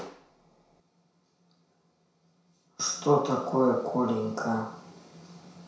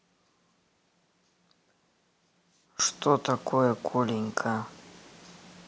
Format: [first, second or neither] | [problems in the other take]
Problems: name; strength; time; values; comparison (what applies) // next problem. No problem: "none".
second | room echo; dies away in 0.6 s